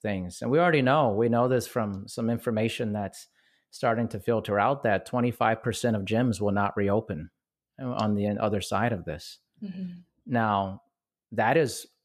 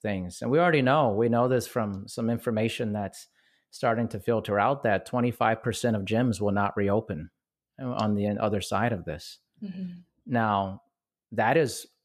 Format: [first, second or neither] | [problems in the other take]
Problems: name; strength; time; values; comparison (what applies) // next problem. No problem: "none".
neither | none